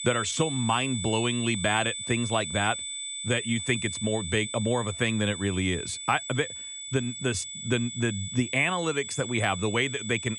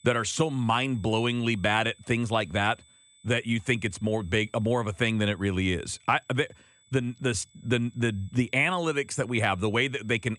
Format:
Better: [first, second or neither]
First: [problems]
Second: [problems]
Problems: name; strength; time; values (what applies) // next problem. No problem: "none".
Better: second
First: high-pitched whine; loud; throughout; 3.5 kHz, 6 dB below the speech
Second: high-pitched whine; faint; throughout; 3.5 kHz, 30 dB below the speech